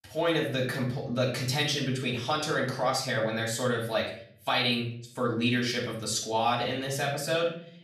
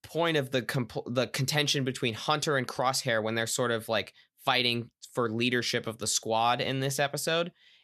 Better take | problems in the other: second | off-mic speech; far // room echo; noticeable; dies away in 0.5 s

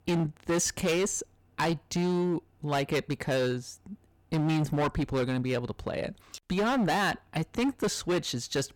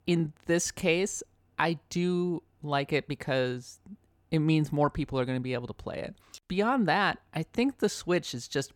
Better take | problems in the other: second | distortion; heavy; 15% of the sound clipped

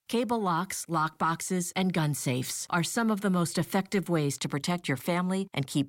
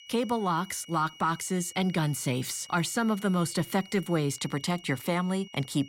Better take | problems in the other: first | high-pitched whine; noticeable; throughout; 3 kHz, 20 dB below the speech

